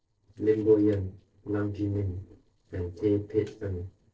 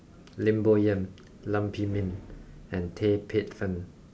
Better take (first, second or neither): second